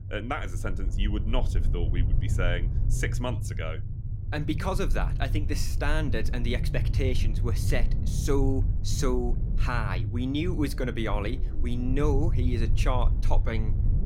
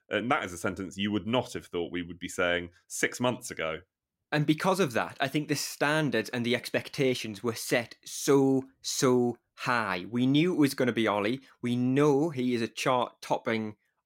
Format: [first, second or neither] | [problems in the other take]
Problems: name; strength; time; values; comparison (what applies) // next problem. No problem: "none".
second | low rumble; noticeable; throughout; 10 dB below the speech